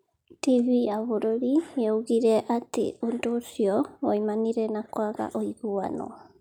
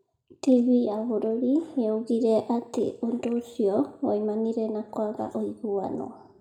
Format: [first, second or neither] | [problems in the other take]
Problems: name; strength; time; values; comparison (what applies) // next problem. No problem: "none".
first | room echo; dies away in 0.7 s